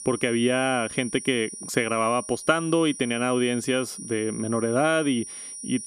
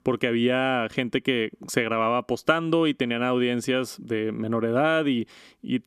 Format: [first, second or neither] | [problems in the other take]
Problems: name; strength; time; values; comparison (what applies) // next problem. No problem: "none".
second | high-pitched whine; noticeable; throughout; 9.5 kHz, 10 dB below the speech